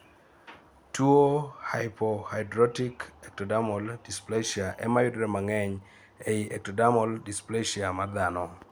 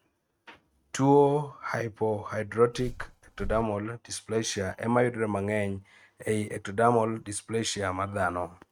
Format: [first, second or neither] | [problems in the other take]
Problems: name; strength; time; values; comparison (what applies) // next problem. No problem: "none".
first | noise reduction (neural mask model RNNoise)